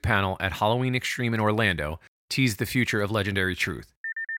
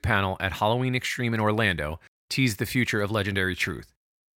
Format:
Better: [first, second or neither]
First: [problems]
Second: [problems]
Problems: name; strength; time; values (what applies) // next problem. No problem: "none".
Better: second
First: phone ringing; noticeable; at 4 s; peak 6 dB below the speech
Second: none